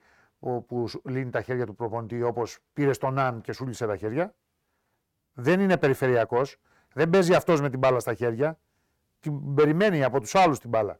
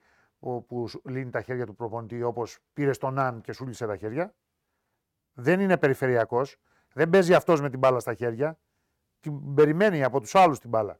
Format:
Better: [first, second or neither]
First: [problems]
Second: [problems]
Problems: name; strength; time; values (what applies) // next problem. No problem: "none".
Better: second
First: distortion; slight; 10 dB below the speech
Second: none